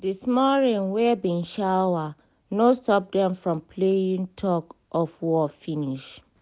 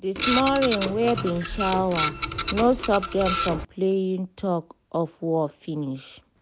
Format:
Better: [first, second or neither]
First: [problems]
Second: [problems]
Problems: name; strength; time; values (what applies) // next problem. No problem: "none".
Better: first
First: none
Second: background sound (Printer); 4 dB below the speech